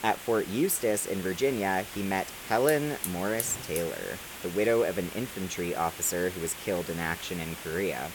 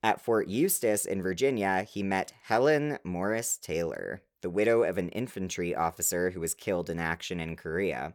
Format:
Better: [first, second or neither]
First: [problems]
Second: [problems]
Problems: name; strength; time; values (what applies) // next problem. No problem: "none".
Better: second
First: hiss; loud; throughout; 9 dB below the speech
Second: none